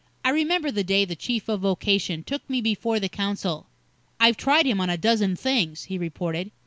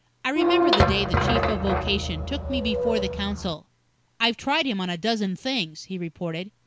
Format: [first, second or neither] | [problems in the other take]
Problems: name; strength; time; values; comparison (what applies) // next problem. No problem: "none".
first | background sound (Squeak / Thump, thud); 4 dB above the speech